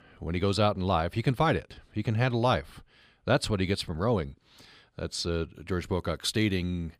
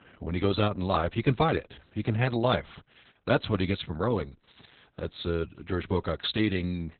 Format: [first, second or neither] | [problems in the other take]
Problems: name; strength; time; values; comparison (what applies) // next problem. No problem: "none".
first | garbled, watery; badly; nothing above 4 kHz